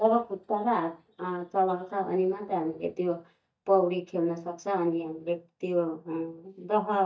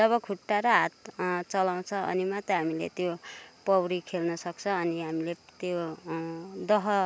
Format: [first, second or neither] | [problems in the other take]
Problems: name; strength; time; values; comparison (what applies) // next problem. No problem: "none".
second | noise reduction (neural mask model DeepFilterNet 3)